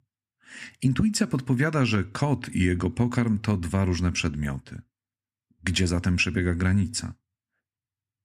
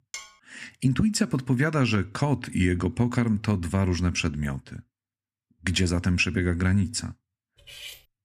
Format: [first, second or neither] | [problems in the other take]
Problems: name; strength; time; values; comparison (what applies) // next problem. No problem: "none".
first | clattering dishes; faint; at the start and at 7.5 s; peak 15 dB below the speech